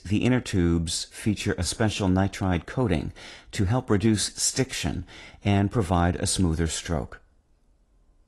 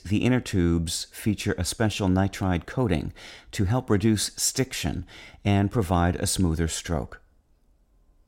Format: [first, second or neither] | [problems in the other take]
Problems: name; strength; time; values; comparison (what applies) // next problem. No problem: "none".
second | garbled, watery; slightly